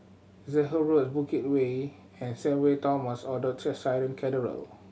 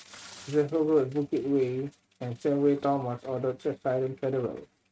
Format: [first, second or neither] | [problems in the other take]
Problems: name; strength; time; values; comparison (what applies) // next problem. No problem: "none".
first | noise reduction (neural mask model RNNoise)